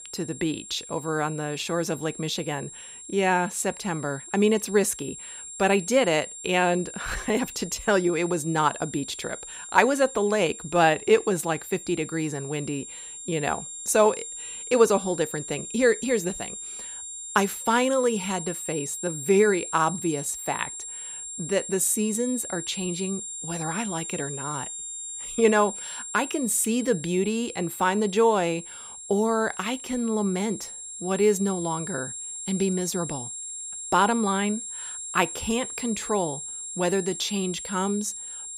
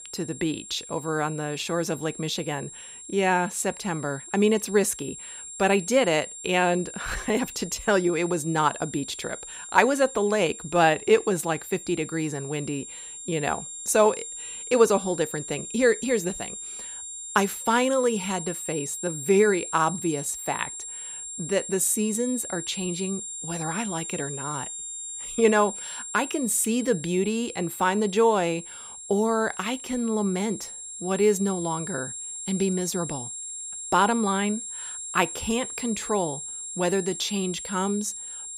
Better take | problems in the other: neither | high-pitched whine; loud; throughout; 7.5 kHz, 9 dB below the speech; the same in both

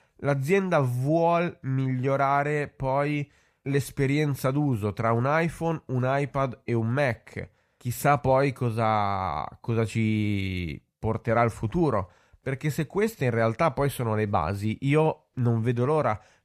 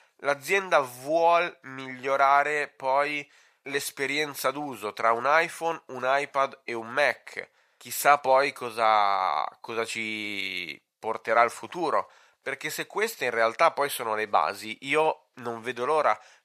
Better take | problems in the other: first | thin; very; fading below 650 Hz

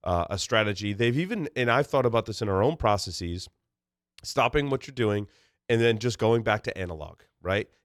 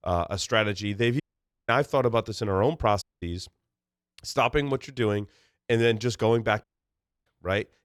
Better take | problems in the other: first | audio cutting out; at 1 s, at 3 s and at 6.5 s for 0.5 s

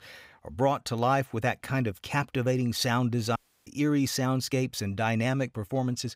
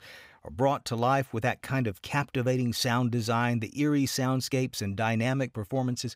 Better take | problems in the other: second | audio cutting out; at 3.5 s

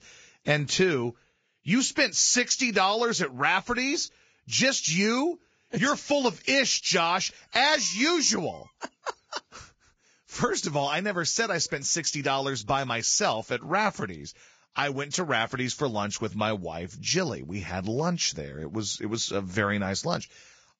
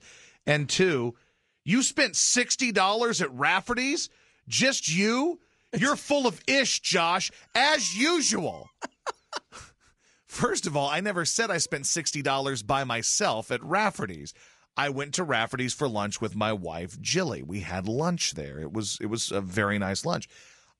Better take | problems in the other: second | garbled, watery; badly; nothing above 7.5 kHz; slightly in the second

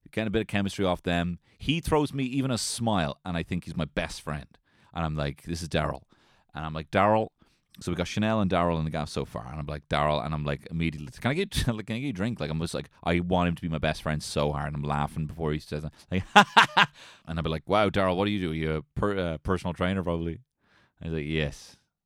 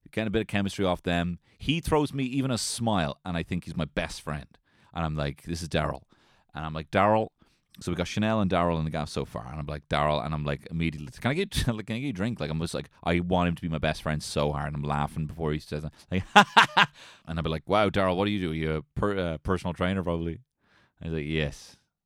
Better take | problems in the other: neither | none

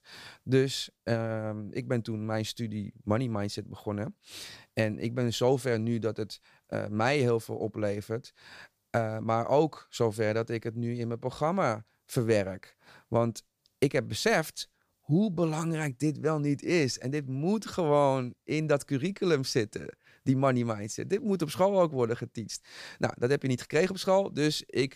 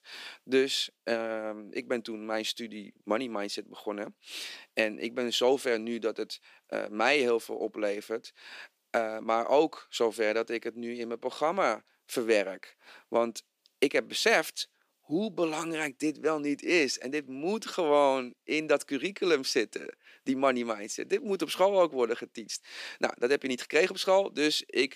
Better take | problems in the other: first | thin; very slightly; fading below 250 Hz

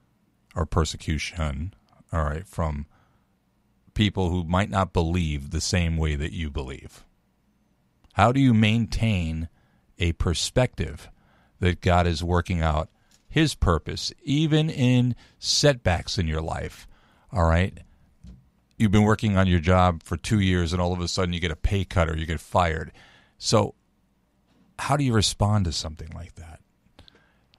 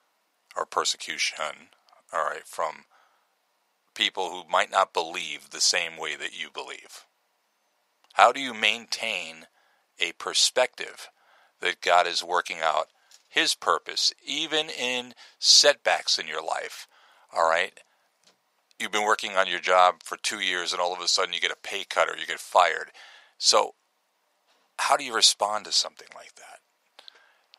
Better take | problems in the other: first | thin; very; fading below 600 Hz

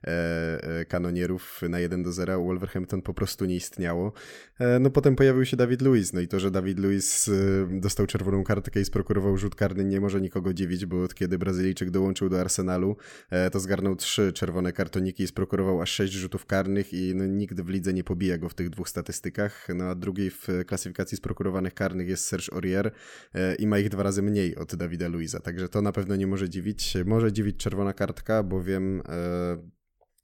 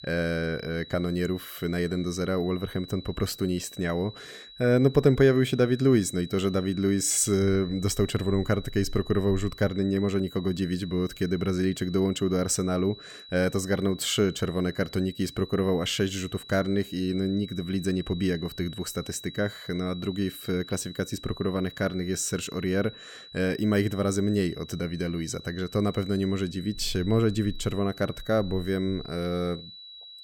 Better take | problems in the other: first | high-pitched whine; noticeable; throughout; 4 kHz, 15 dB below the speech

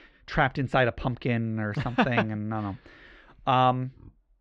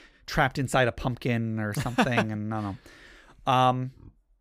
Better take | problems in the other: second | muffled; slightly; fading above 3.5 kHz

